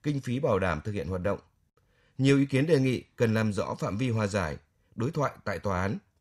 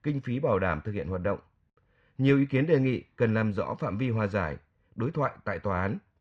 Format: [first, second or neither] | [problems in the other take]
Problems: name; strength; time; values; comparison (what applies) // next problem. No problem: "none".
first | muffled; slightly; fading above 2 kHz